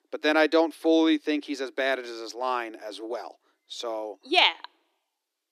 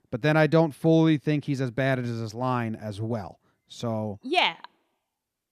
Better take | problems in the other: second | thin; somewhat; fading below 300 Hz

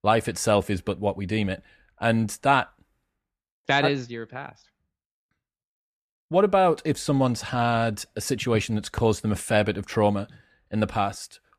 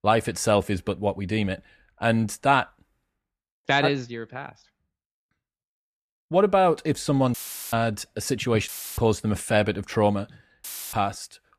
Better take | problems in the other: first | audio cutting out; filled with static; at 7.5 s, at 8.5 s and at 11 s

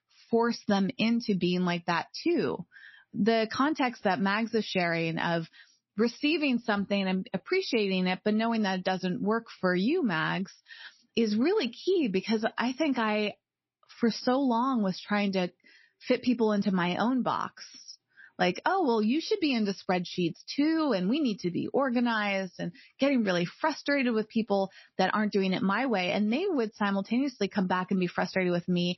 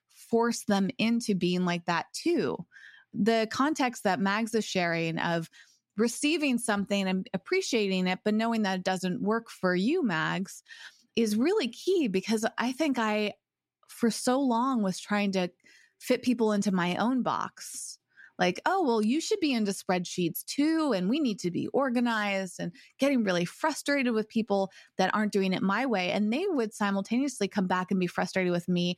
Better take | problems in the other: second | garbled, watery; slightly; nothing above 5.5 kHz

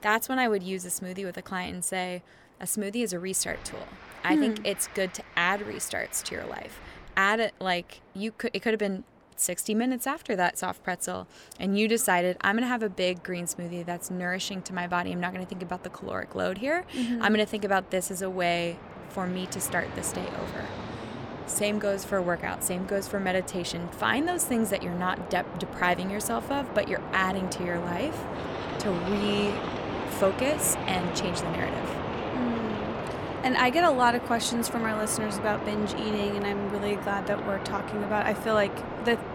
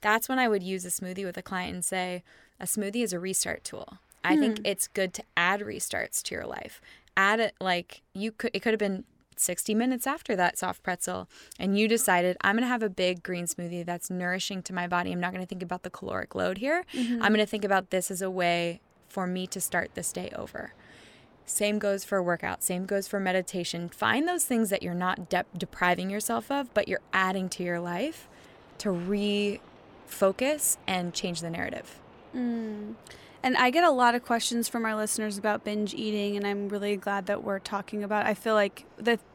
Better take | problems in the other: second | train or aircraft noise; loud; throughout; 7 dB below the speech; faint in the second

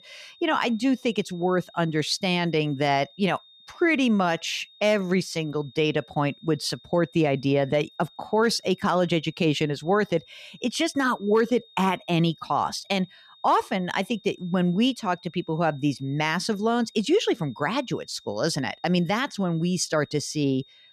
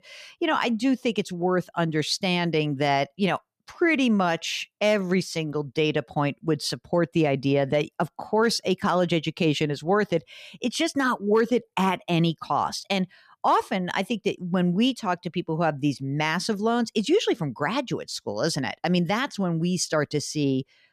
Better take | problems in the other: second | high-pitched whine; faint; throughout; 3.5 kHz, 25 dB below the speech

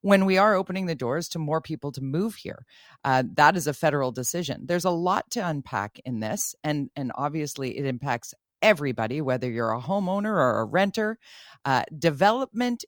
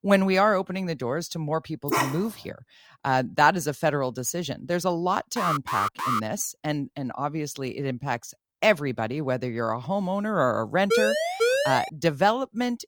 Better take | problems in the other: first | dog barking; loud; at 2 s; peak level with the speech // alarm; noticeable; at 5.5 s; peak level with the speech // siren; loud; at 11 s; peak 3 dB above the speech

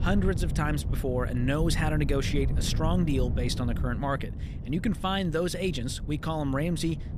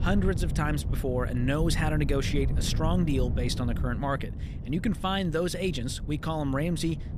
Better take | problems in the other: neither | wind noise on the microphone; occasional gusts; 15 dB below the speech; the same in both

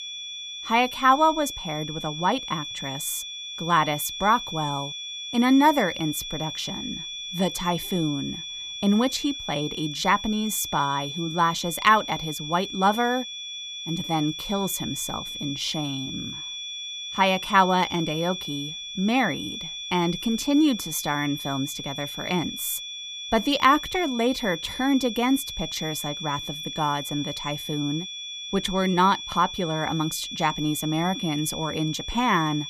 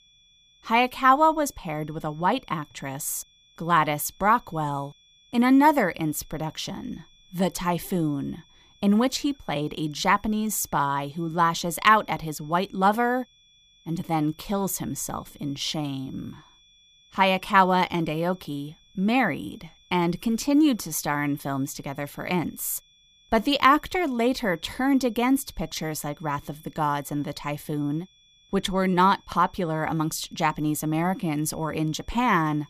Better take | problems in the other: second | high-pitched whine; loud; throughout; 3.5 kHz, 7 dB below the speech; faint in the second

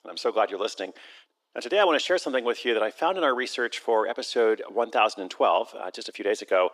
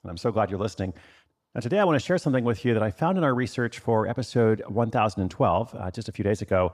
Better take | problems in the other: second | thin; very; fading below 350 Hz

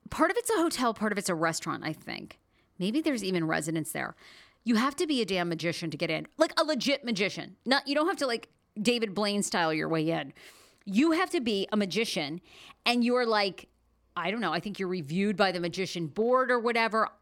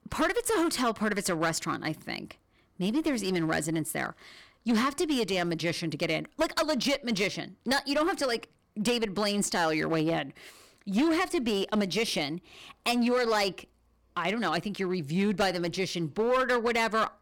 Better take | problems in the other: first | distortion; slight; 10% of the sound clipped

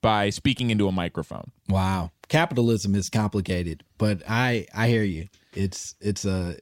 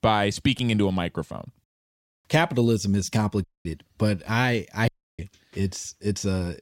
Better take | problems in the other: first | audio cutting out; at 1.5 s for 0.5 s, at 3.5 s and at 5 s

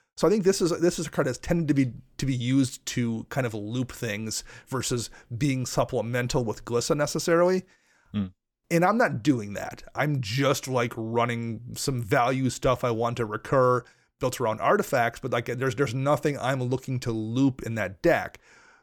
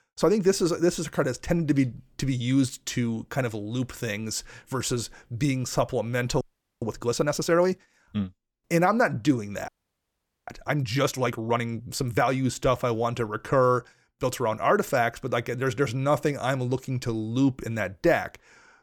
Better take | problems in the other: first | audio freezing; at 6.5 s and at 9.5 s for 1 s

